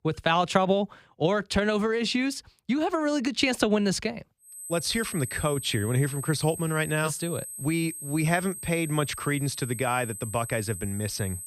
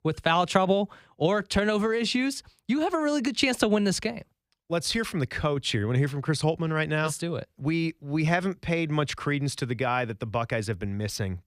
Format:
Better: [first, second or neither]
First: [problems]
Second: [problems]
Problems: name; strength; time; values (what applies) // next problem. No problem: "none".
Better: second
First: high-pitched whine; loud; from 4.5 s on; 8 kHz, 9 dB below the speech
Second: none